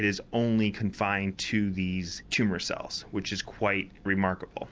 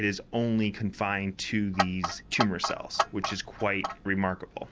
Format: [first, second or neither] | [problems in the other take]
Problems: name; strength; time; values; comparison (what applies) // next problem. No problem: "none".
first | background sound (Clock); 3 dB below the speech